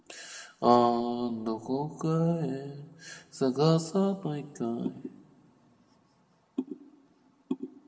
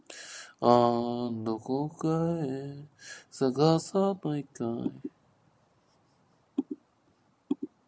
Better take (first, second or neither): second